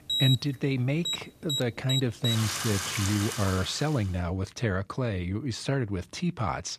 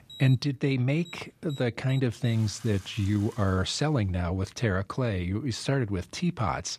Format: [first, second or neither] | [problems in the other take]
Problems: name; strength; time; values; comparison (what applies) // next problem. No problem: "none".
second | household noises; loud; until 3.5 s; 2 dB below the speech; faint in the second